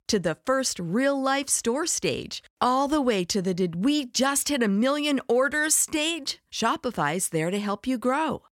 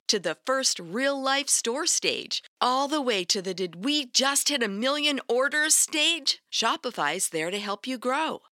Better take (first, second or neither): first